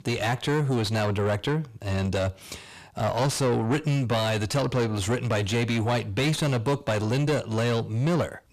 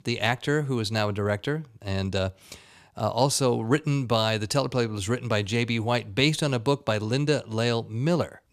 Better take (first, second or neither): second